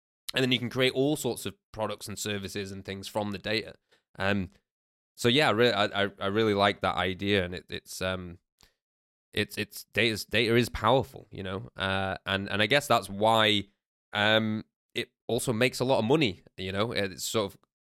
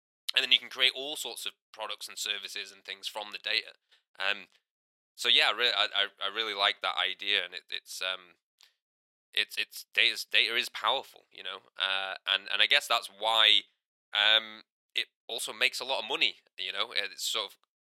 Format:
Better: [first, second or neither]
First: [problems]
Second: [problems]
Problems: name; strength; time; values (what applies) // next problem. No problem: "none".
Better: first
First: none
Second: thin; very; fading below 800 Hz